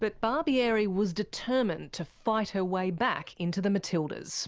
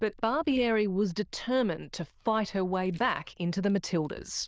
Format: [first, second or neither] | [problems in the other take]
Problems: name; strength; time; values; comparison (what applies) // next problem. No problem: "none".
first | noise reduction (neural diffusion model UNIVERSE++)